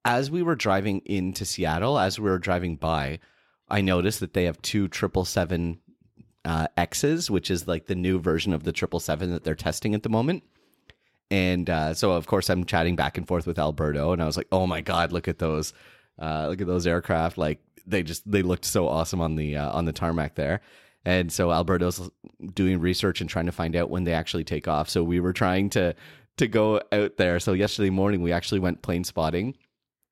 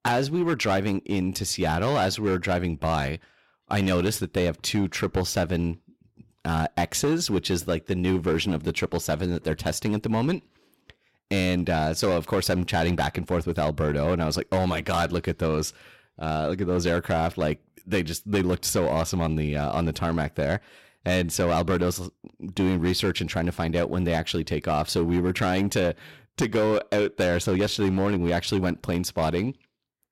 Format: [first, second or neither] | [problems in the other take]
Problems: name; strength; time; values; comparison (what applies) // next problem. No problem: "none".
first | distortion; slight; 8% of the sound clipped